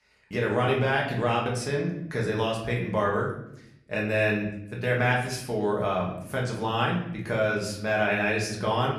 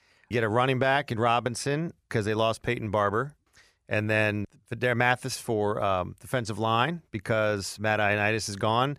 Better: second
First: room echo; slight; dies away in 0.7 s // off-mic speech; far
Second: none

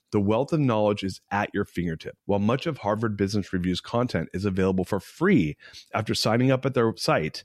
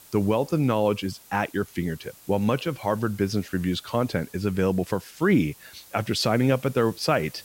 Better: first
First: none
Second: hiss; faint; throughout; 20 dB below the speech

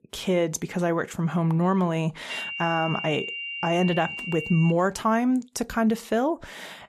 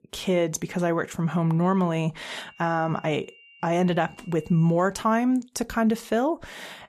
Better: second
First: high-pitched whine; loud; from 2.5 to 4.5 s; 3 kHz, 7 dB below the speech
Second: high-pitched whine; faint; from 2.5 to 4.5 s; 3 kHz, 25 dB below the speech

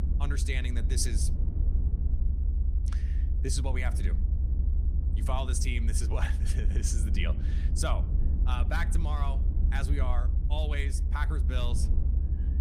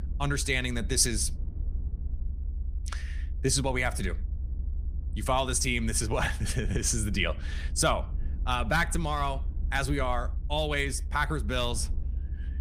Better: second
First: low rumble; loud; throughout; 10 dB below the speech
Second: low rumble; faint; throughout; 25 dB below the speech

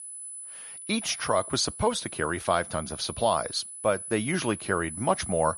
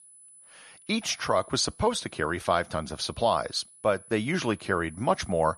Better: second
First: high-pitched whine; loud; throughout; 10 kHz, 9 dB below the speech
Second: high-pitched whine; faint; throughout; 10 kHz, 20 dB below the speech

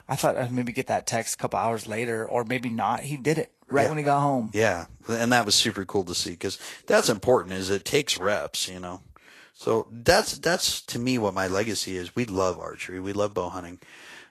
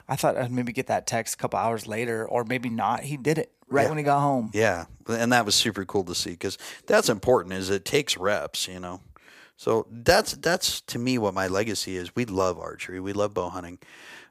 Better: second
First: garbled, watery; slightly; nothing above 12.5 kHz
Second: none

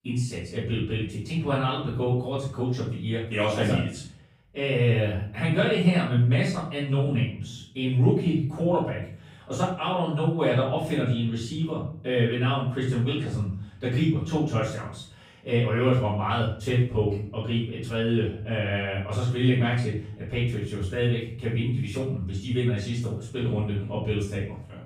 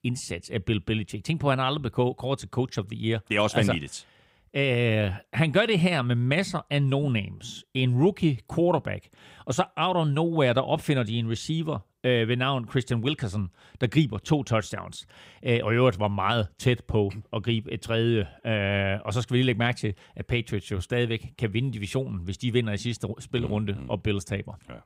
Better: second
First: off-mic speech; far // room echo; noticeable; dies away in 0.4 s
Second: none

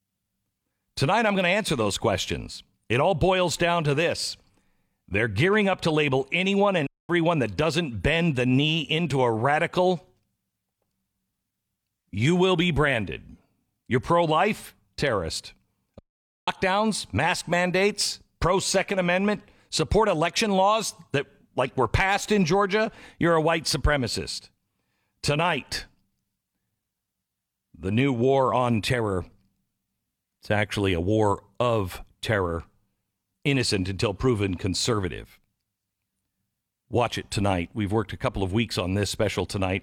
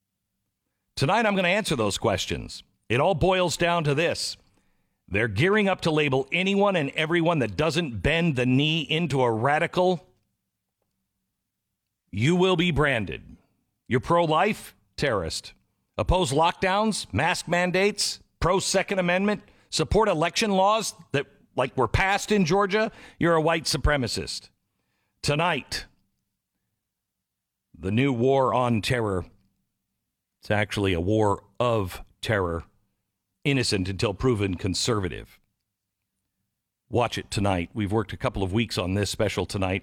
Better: second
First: audio cutting out; at 7 s and at 16 s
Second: none

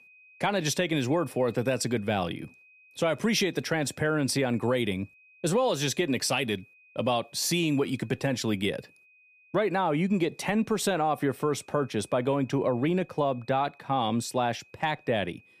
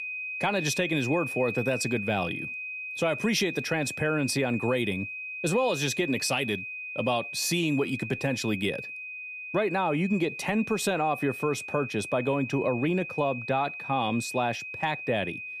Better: first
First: high-pitched whine; faint; throughout; 2.5 kHz, 30 dB below the speech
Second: high-pitched whine; loud; throughout; 2.5 kHz, 7 dB below the speech

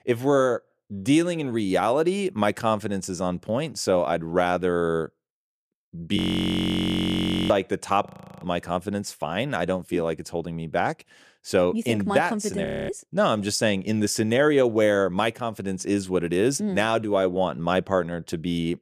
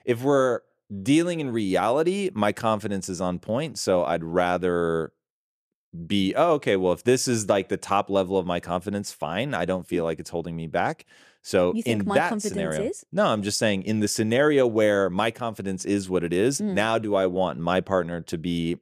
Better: second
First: audio freezing; at 6 s for 1.5 s, at 8 s and at 13 s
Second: none

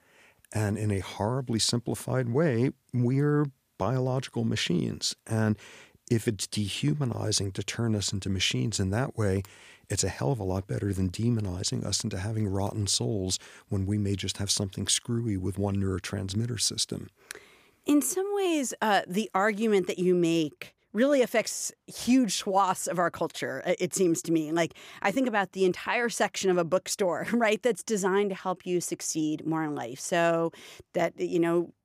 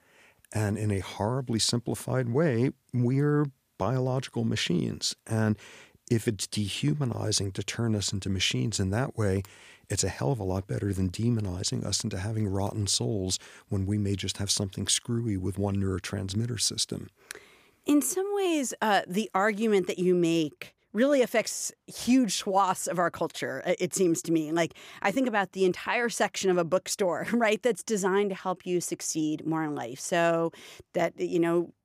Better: neither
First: none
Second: none

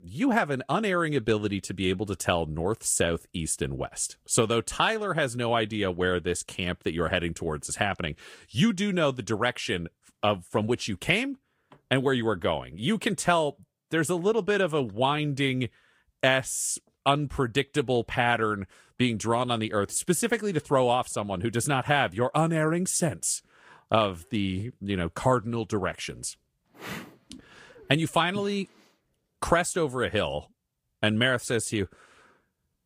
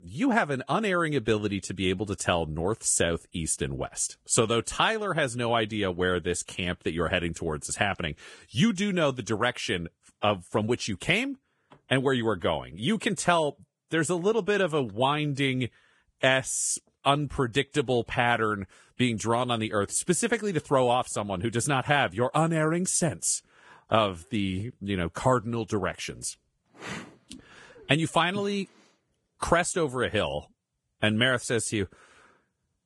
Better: first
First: garbled, watery; slightly; nothing above 15 kHz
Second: garbled, watery; badly; nothing above 10.5 kHz

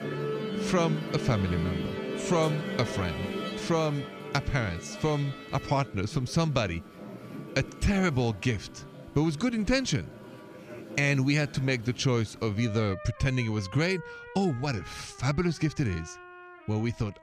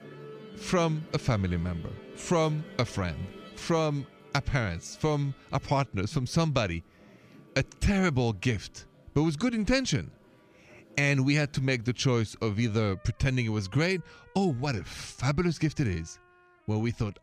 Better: second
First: background music; loud; throughout; 10 dB below the speech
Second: background music; faint; throughout; 20 dB below the speech

